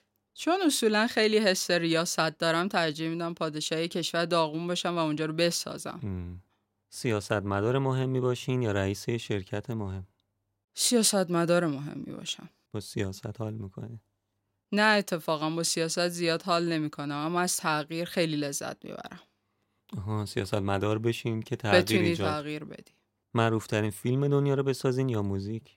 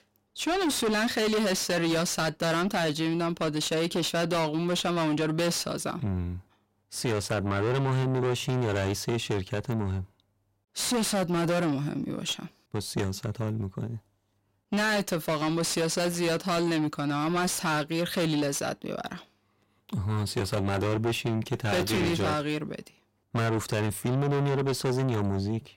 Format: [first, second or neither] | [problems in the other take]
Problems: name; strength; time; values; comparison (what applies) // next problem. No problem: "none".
first | distortion; heavy; 5 dB below the speech